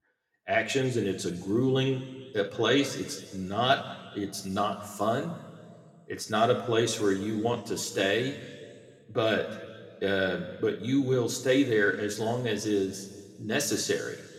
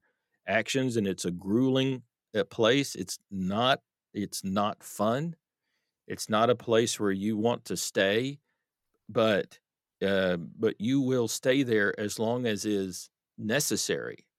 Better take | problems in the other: second | room echo; slight; dies away in 1.6 s // off-mic speech; somewhat distant

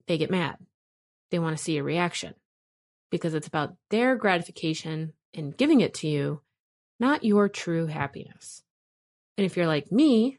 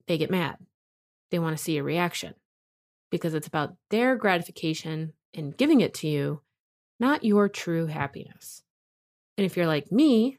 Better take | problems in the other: second | garbled, watery; slightly; nothing above 11 kHz

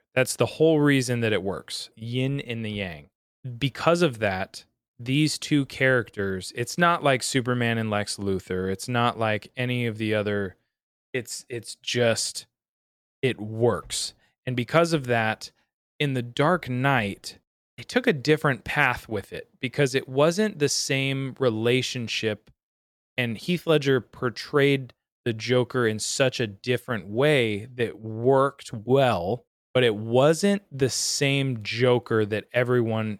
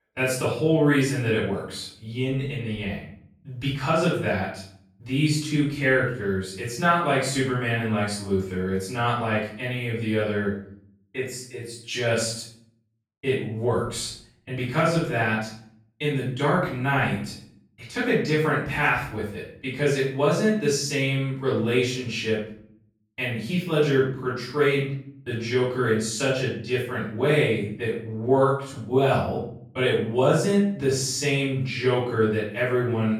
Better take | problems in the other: first | room echo; noticeable; dies away in 0.5 s // off-mic speech; far

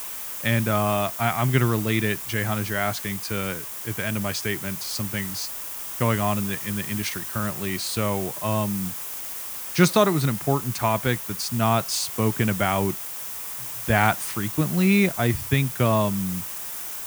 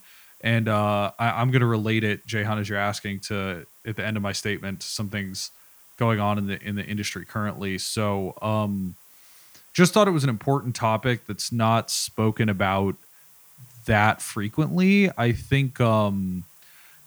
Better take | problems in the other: second | hiss; loud; throughout; 6 dB below the speech; faint in the second

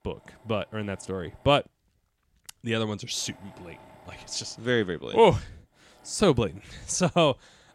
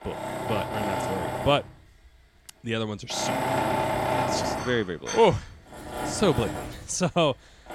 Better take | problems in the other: first | machinery noise; loud; throughout; 3 dB below the speech; faint in the first

